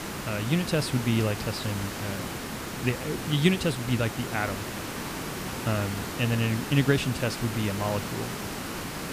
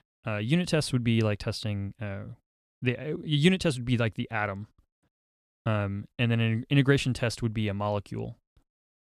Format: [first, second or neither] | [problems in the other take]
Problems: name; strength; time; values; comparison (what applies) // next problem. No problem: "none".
second | hiss; loud; throughout; 6 dB below the speech